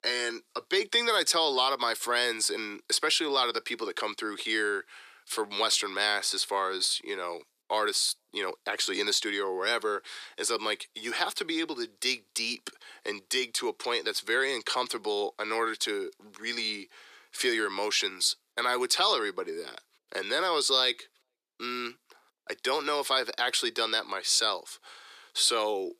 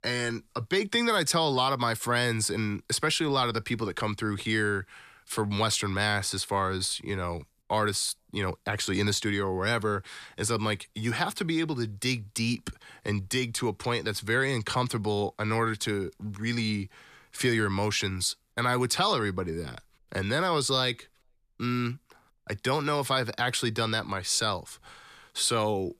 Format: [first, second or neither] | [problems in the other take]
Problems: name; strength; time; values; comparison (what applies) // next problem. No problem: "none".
second | thin; very; fading below 350 Hz